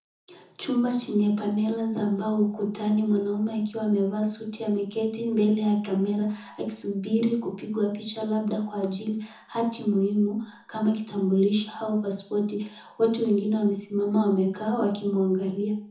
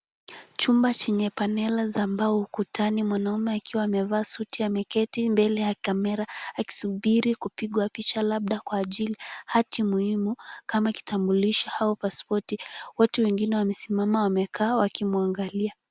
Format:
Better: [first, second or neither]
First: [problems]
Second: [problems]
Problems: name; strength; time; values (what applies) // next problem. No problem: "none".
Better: second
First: room echo; dies away in 0.5 s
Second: none